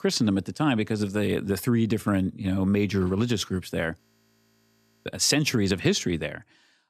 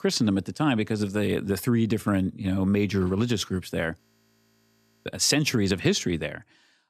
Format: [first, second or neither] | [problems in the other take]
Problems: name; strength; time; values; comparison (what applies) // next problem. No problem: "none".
neither | audio freezing; at 4 s for 1 s; the same in both